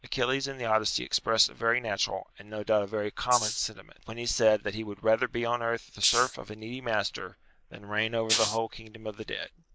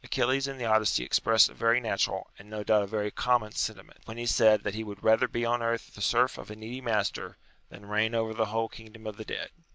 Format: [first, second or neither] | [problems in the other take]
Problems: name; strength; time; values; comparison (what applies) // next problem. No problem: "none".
second | noise reduction (neural mask model Resemble Enhance denoiser)